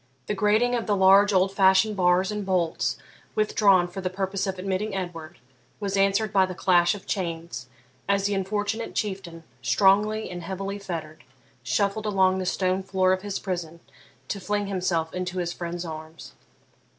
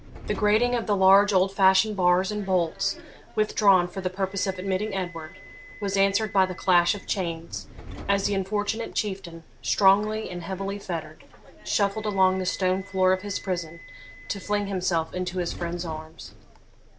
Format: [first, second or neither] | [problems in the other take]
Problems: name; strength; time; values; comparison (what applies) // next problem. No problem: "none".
first | background sound (Subway, metro, underground); 17 dB below the speech